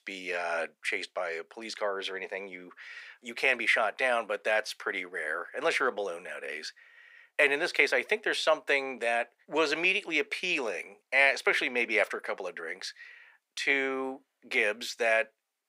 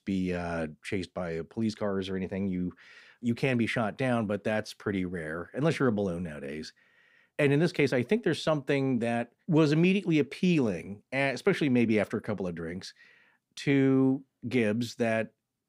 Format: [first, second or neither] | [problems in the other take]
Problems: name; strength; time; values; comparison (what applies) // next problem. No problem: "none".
second | thin; very; fading below 550 Hz